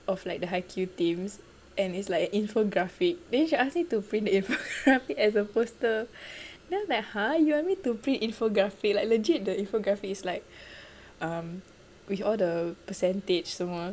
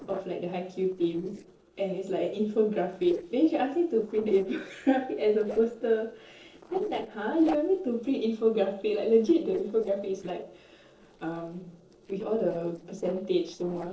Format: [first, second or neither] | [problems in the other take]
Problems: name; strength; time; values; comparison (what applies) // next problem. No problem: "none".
first | noise reduction (neural separator model SepFormer DNS4)